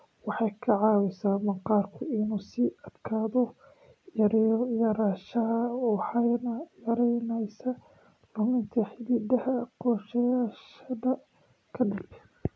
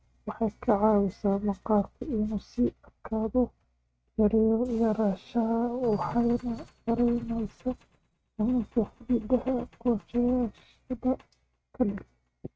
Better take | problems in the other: first | noise reduction (neural mask model RNNoise)

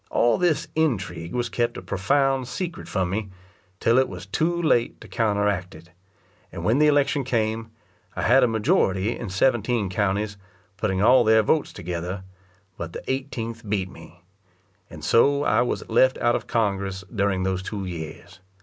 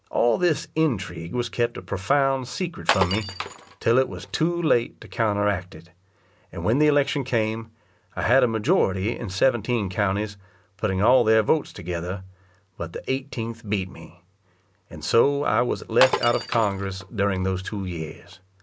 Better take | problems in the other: first | background sound (Glass); 7 dB below the speech

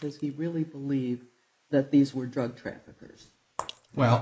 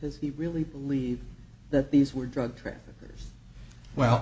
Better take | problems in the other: second | noise reduction (neural mask model Resemble Enhance denoiser)

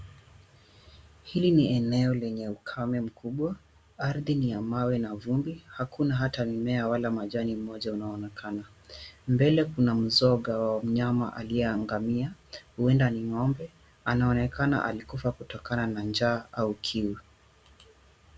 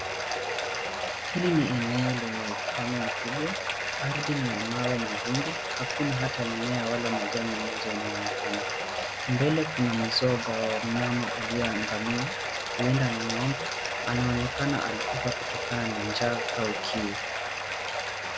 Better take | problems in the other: first | background sound (Bathtub (filling or washing)); 1 dB below the speech

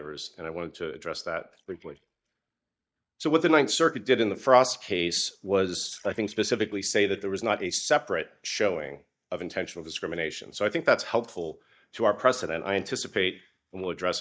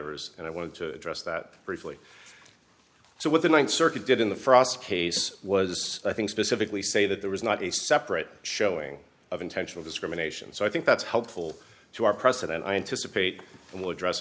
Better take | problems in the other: second | noise reduction (neural mask model DeepFilterNet 3)

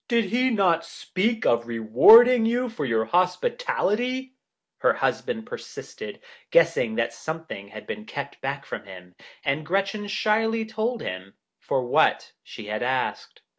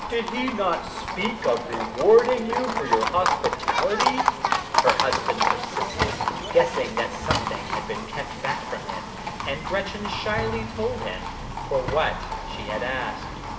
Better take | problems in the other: first | background sound (Livestock, farm animals, working animals); 1 dB below the speech // room echo; dies away in 2.6 s

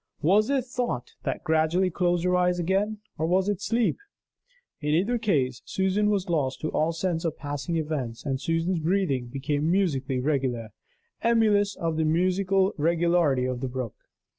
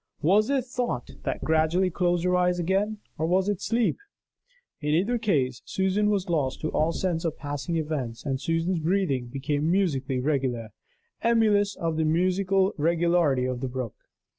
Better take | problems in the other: first | background sound (Knock / Wood); 14 dB below the speech

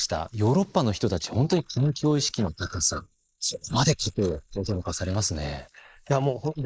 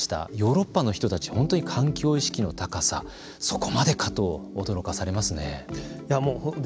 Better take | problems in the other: second | noise reduction (neural mask model Resemble Enhance denoiser)

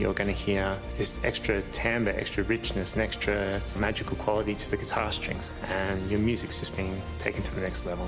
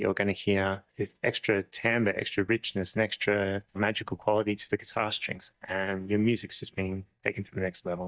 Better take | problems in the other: first | noise reduction (neural mask model DeepFilterNet 3)

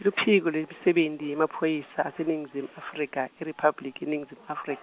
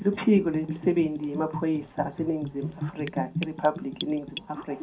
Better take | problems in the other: first | background sound (Bathtub (filling or washing) / Gurgling); 9 dB below the speech // room echo; dies away in 0.3 s

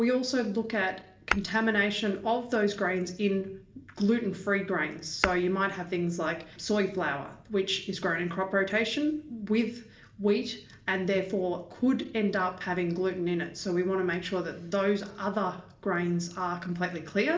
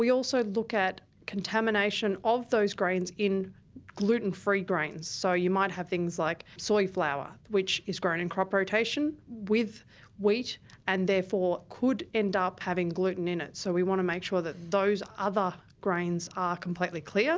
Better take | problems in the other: second | background sound (Tap / Hammer); 10 dB below the speech // room echo; dies away in 0.5 s

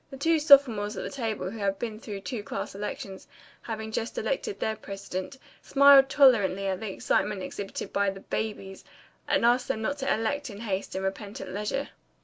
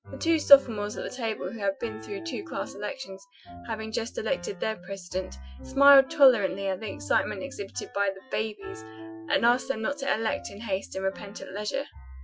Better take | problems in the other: first | noise reduction (classical method Wiener filter)

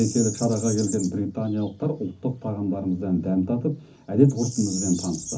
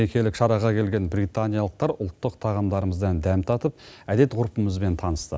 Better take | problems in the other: second | background sound (Bird vocalization, bird call, bird song); 13 dB below the speech // room echo; dies away in 0.3 s

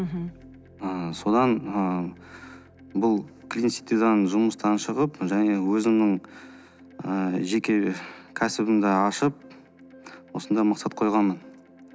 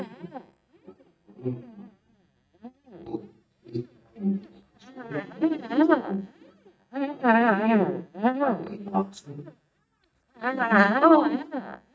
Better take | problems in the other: first | noise reduction (neural mask model DeepFilterNet 3)

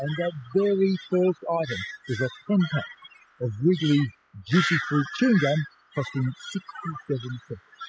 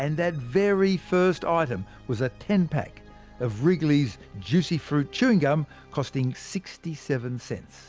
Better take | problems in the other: second | noise reduction (classical method spectral subtraction)

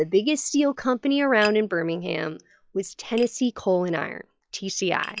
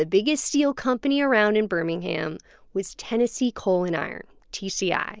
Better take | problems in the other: second | noise reduction (classical method log-MMSE)

